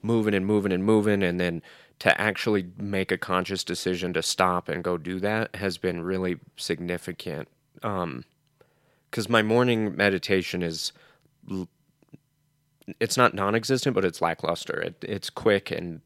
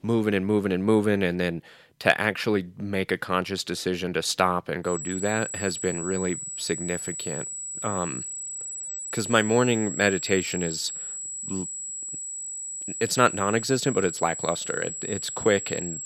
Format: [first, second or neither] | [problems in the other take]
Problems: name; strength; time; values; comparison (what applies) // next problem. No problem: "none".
first | high-pitched whine; loud; from 5 s on; 8 kHz, 6 dB below the speech